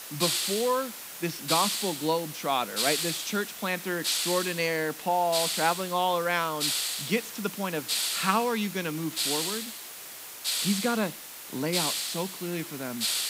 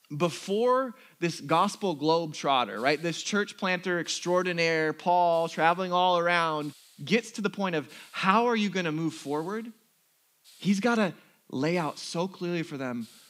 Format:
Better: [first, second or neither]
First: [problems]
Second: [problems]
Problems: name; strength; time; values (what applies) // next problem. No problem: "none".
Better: second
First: hiss; loud; throughout; 1 dB below the speech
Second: hiss; faint; throughout; 30 dB below the speech